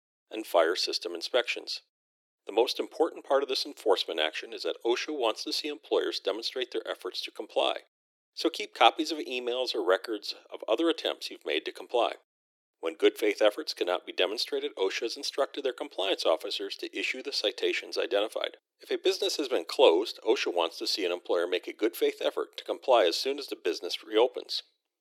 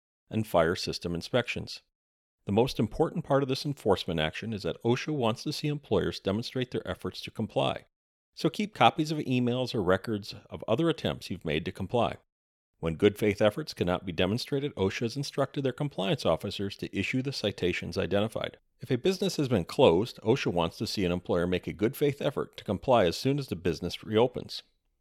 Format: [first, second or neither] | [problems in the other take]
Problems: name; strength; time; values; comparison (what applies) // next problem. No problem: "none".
second | thin; very; fading below 300 Hz